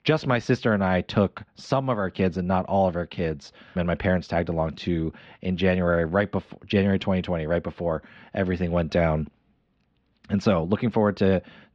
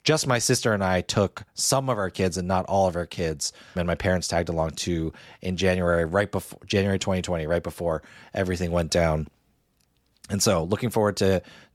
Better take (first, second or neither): second